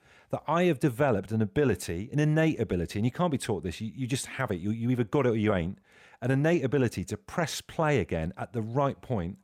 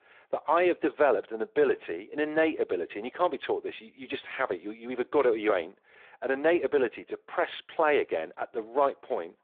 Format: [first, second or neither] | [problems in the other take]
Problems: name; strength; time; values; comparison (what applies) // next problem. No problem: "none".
first | phone-call audio; nothing above 3.5 kHz